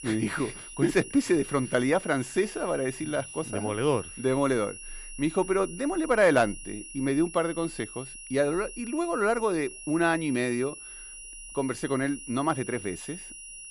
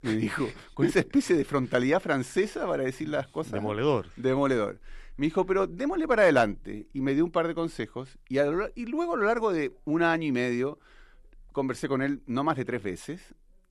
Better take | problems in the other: second | high-pitched whine; noticeable; throughout; 10 kHz, 15 dB below the speech

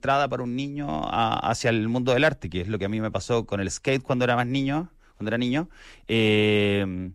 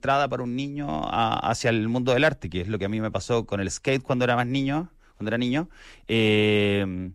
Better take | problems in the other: neither | none

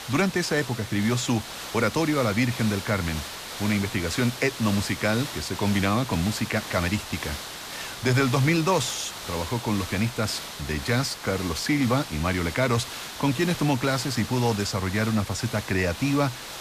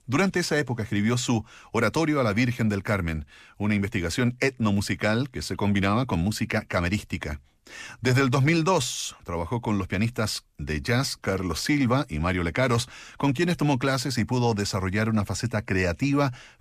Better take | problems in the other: second | hiss; loud; throughout; 9 dB below the speech

